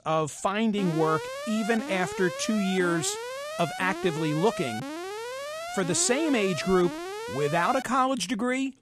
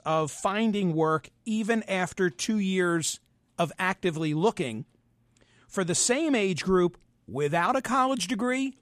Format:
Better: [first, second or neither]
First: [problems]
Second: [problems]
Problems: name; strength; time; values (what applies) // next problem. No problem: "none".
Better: second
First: alarm; noticeable; from 1 to 8 s; peak 8 dB below the speech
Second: none